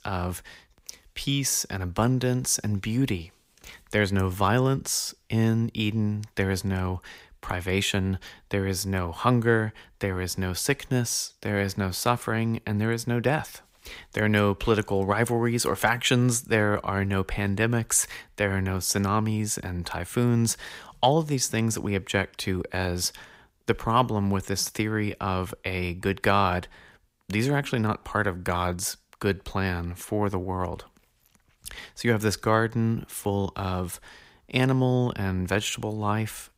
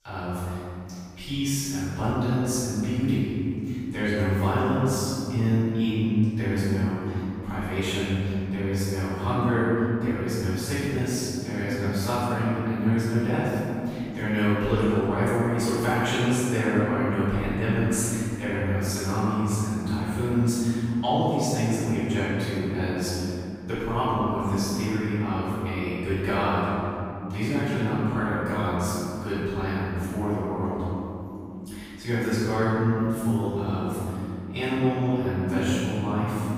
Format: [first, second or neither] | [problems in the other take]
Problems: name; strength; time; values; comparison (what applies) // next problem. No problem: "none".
first | off-mic speech; far // room echo; strong; dies away in 3 s